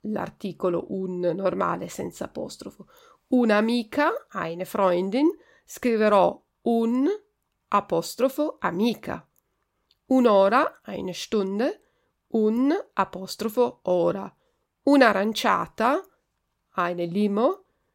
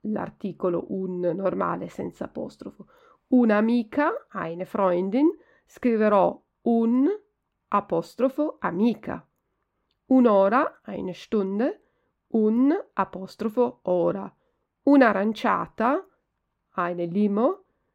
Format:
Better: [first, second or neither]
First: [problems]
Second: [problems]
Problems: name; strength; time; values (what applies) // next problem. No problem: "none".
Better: first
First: none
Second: muffled; slightly; fading above 3.5 kHz